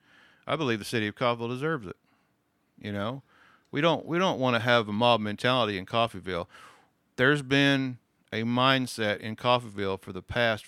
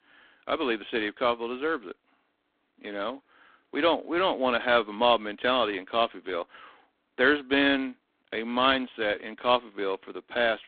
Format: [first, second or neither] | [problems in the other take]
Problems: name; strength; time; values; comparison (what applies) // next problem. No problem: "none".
first | phone-call audio; poor line